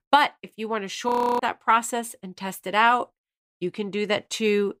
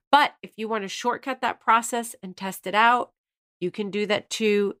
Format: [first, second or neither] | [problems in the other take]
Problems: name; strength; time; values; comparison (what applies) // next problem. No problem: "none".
second | audio freezing; at 1 s